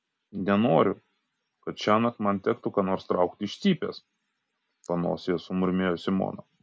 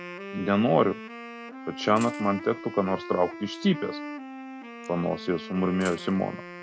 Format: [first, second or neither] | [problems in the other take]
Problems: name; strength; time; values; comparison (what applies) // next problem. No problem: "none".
first | background sound (Coin (dropping) + Wind instrument, woodwind instrument); 11 dB below the speech